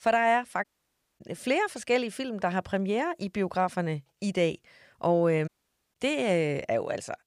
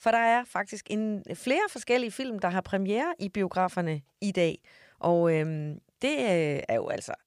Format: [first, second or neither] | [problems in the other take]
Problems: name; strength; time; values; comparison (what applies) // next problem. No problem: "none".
second | audio cutting out; at 0.5 s for 0.5 s and at 5.5 s